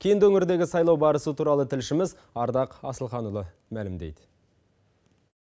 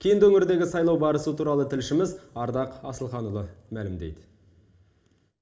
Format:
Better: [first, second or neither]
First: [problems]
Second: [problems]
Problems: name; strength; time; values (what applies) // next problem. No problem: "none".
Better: first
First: none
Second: room echo; dies away in 1.5 s